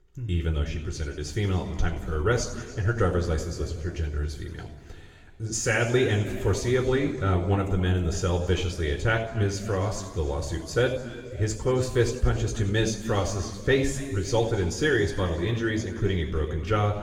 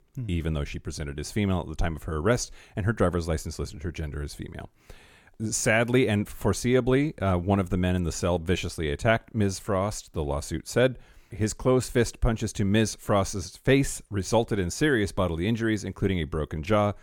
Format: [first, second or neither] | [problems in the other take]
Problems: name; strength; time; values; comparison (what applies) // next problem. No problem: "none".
second | room echo; noticeable; dies away in 2.2 s // off-mic speech; somewhat distant